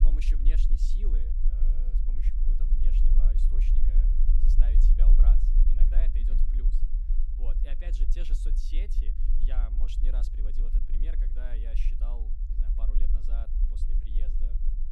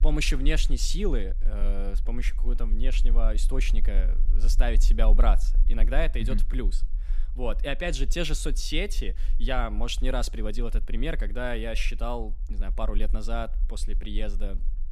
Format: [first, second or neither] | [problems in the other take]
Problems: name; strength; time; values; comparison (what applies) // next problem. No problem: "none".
second | low rumble; loud; throughout; 2 dB below the speech; faint in the second